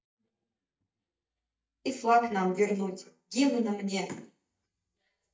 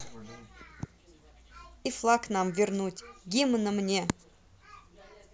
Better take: second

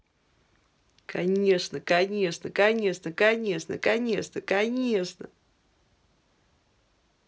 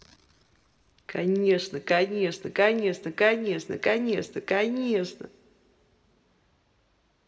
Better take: first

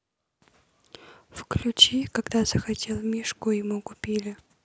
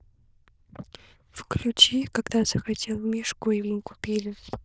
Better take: first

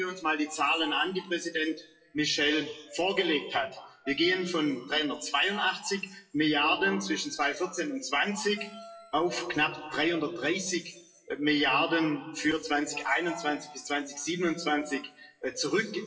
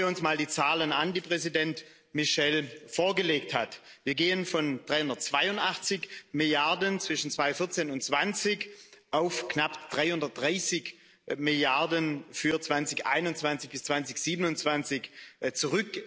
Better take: second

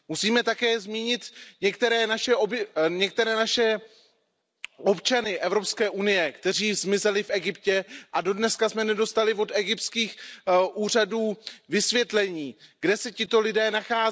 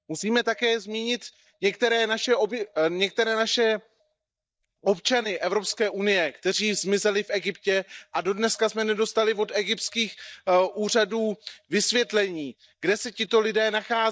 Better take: first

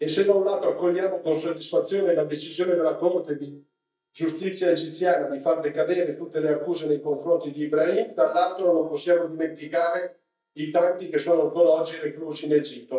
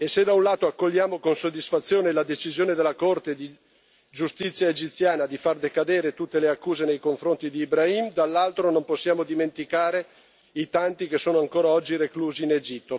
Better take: second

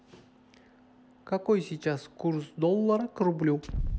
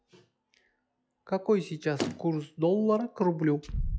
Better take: first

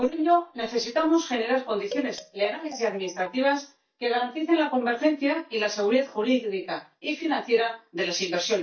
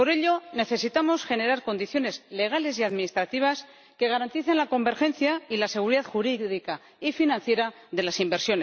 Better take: second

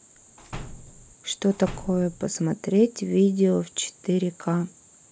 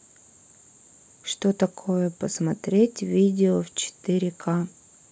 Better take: second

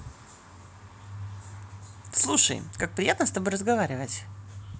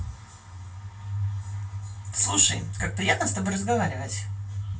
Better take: first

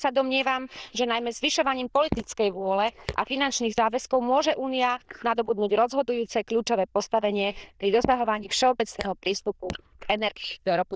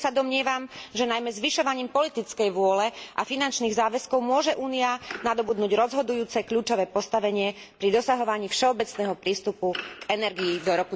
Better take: second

